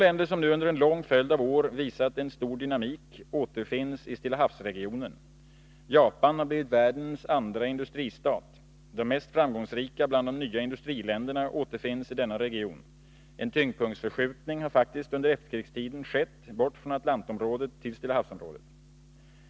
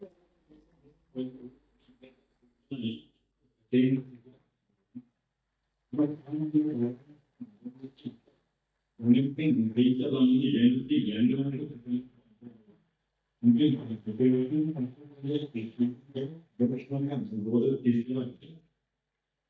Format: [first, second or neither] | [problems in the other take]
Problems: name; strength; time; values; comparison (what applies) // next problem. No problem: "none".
first | noise reduction (neural mask model DeepFilterNet 3)